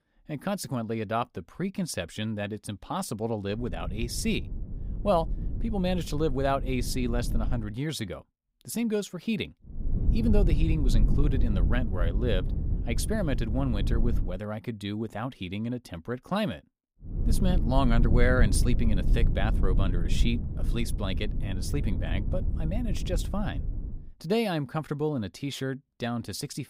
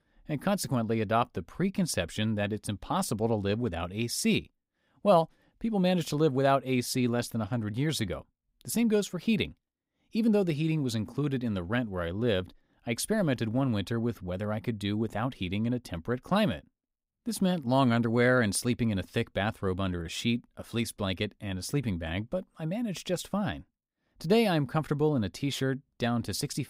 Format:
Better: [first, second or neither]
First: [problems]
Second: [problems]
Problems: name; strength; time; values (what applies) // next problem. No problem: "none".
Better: second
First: low rumble; noticeable; from 3.5 to 7.5 s, from 10 to 14 s and from 17 to 24 s; 10 dB below the speech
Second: none